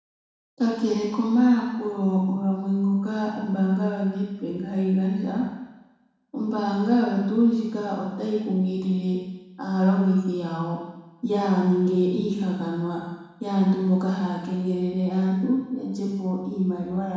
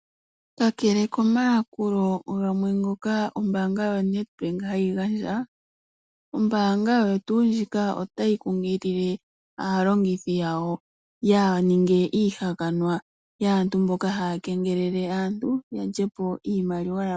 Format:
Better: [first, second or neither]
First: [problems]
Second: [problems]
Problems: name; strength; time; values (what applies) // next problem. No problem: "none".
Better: second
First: room echo; dies away in 1.1 s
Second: none